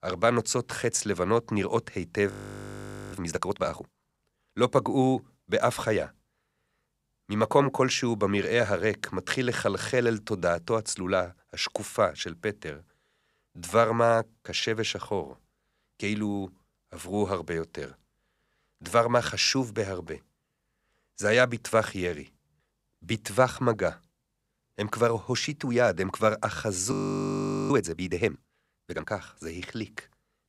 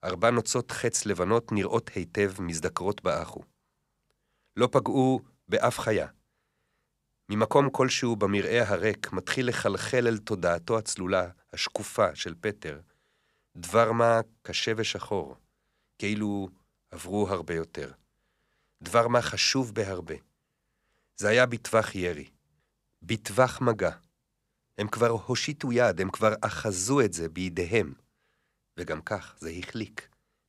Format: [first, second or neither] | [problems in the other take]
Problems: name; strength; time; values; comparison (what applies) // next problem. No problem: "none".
second | audio freezing; at 2.5 s for 1 s and at 27 s for 1 s